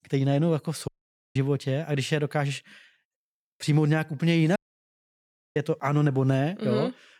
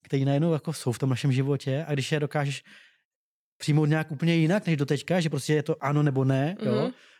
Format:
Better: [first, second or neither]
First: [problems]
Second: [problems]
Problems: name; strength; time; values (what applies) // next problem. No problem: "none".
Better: second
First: audio cutting out; at 1 s and at 4.5 s for 1 s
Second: none